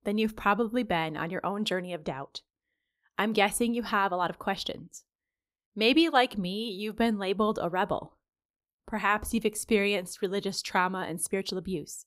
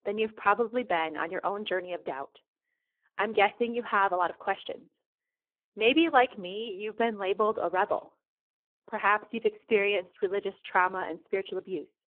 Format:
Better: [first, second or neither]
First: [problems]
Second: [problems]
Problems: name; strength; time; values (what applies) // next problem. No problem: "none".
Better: first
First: none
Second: phone-call audio; poor line